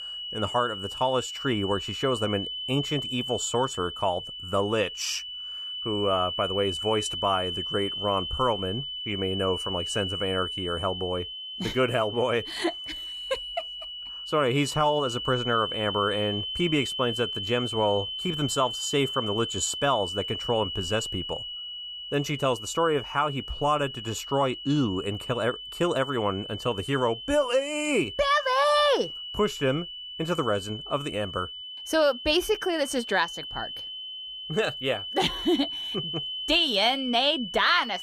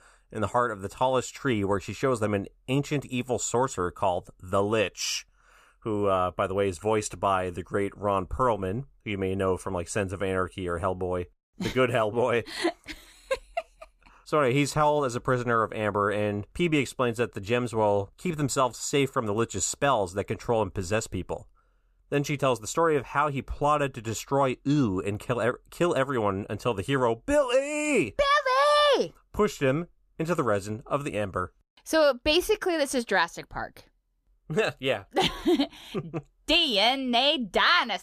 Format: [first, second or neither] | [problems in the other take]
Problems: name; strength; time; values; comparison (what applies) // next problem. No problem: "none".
second | high-pitched whine; loud; throughout; 3 kHz, 6 dB below the speech